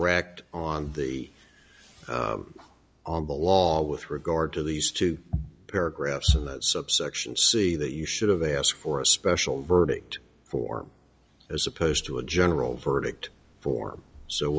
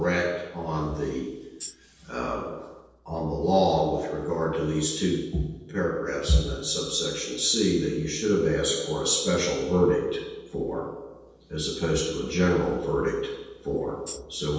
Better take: first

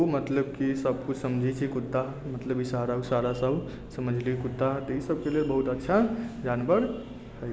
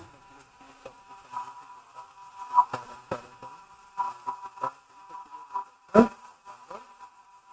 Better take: first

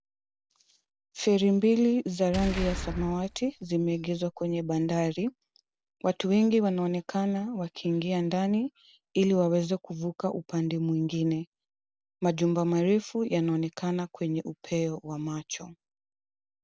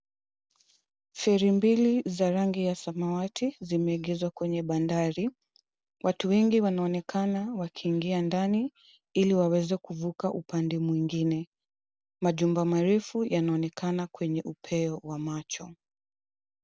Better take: second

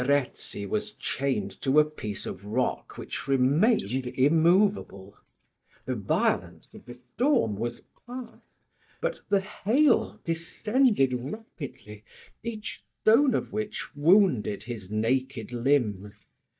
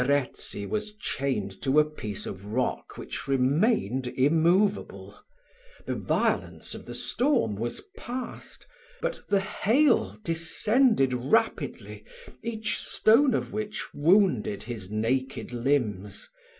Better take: second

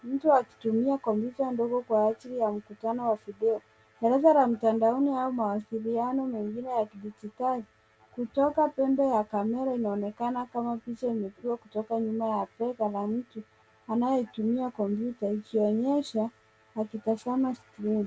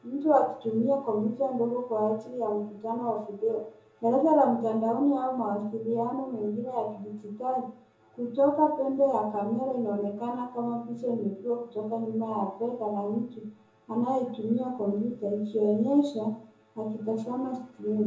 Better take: first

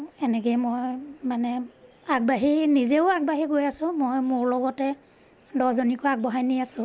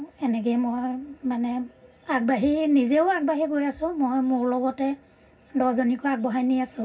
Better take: first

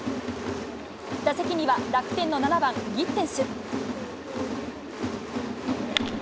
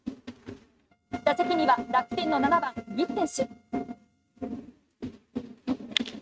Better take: first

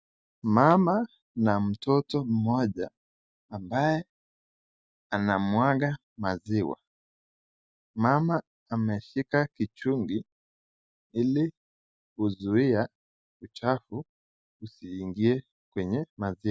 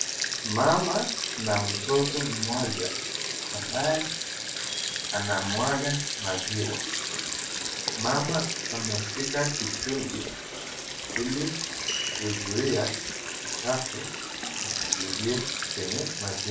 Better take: first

